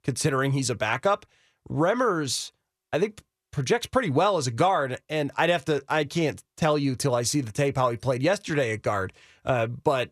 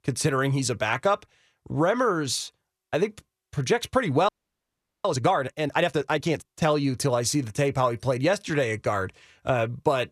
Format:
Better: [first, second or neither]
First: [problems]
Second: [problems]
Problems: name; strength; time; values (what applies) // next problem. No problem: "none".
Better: first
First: none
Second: audio freezing; at 4.5 s for 1 s